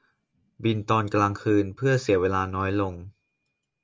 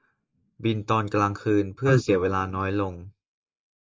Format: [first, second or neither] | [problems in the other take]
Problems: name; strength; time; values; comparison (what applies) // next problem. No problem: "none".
first | noise reduction (neural mask model Resemble Enhance denoiser)